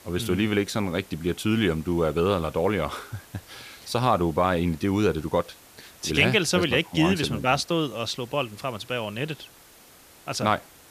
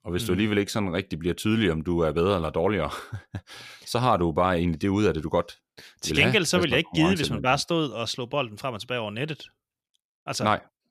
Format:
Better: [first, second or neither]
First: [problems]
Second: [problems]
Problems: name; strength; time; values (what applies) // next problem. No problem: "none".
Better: second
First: hiss; faint; throughout; 25 dB below the speech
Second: none